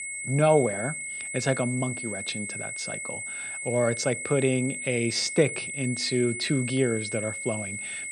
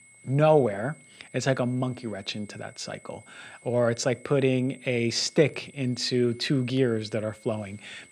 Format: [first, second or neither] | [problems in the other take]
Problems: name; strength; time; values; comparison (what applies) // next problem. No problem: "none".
second | high-pitched whine; loud; throughout; 2 kHz, 5 dB below the speech; faint in the second